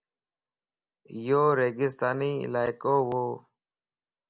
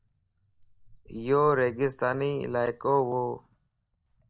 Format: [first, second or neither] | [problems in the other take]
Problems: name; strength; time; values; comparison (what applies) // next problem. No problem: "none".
first | noise reduction (neural mask model DeepFilterNet 3)